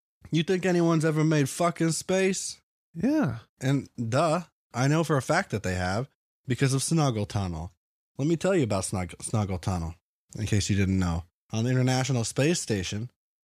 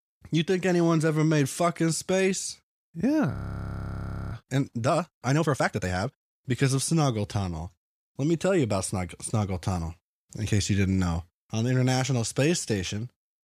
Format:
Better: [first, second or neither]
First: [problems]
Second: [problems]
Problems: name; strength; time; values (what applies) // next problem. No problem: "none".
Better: first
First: none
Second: audio freezing; at 3.5 s for 1 s